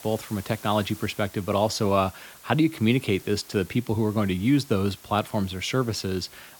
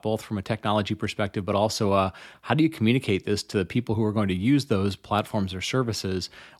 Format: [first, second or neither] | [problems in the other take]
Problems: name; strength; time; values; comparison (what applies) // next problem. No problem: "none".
second | hiss; noticeable; throughout; 20 dB below the speech